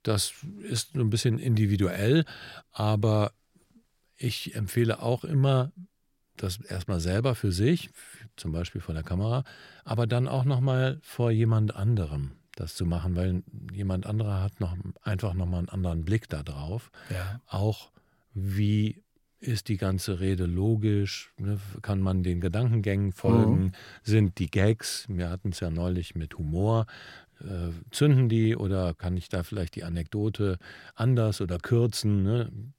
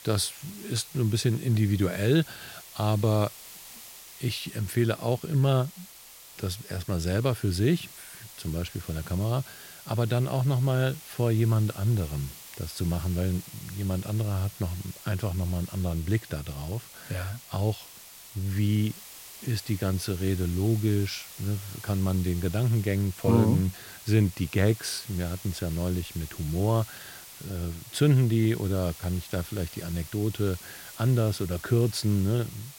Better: first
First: none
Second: hiss; noticeable; throughout; 15 dB below the speech

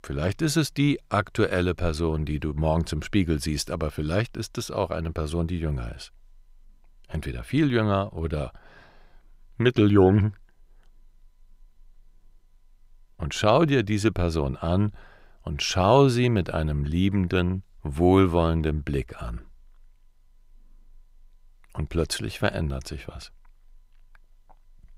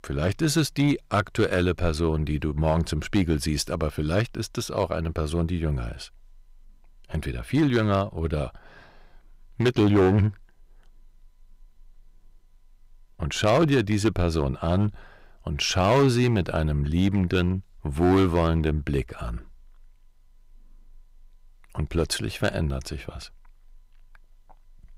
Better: first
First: none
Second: distortion; slight; 3% of the sound clipped

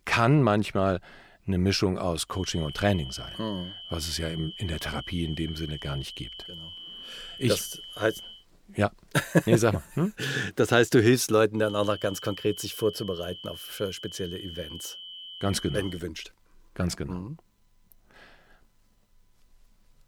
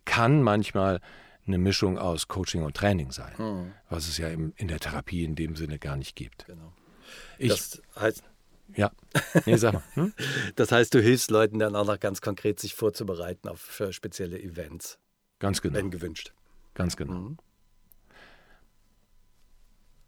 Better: second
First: high-pitched whine; noticeable; from 2.5 to 8.5 s and from 12 to 16 s; 3 kHz, 15 dB below the speech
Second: none

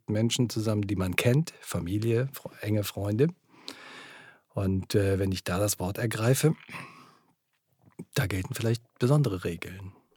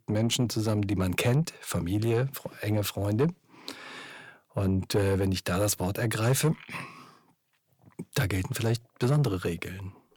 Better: first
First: none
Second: distortion; slight; 10 dB below the speech

